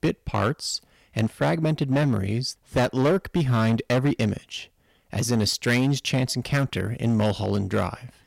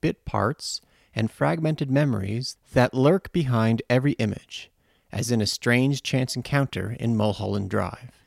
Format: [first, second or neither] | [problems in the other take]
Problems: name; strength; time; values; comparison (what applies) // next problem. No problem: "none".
second | distortion; slight; 8% of the sound clipped